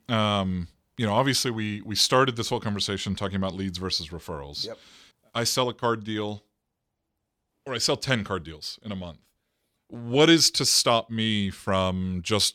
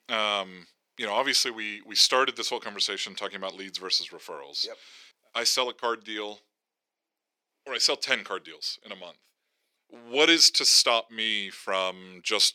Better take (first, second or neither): first